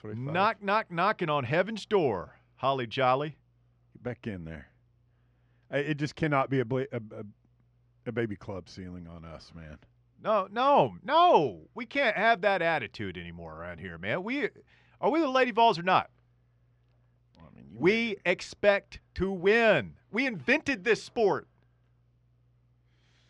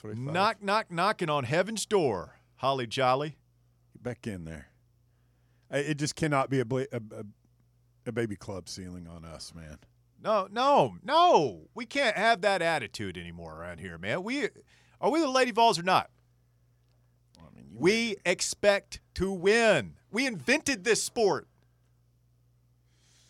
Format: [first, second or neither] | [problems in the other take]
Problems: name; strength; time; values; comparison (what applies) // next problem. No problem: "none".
second | muffled; slightly; fading above 2.5 kHz